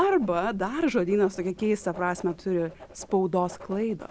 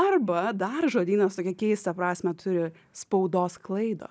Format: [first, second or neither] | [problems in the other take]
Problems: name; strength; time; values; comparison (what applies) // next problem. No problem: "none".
second | background sound (Writing); 20 dB below the speech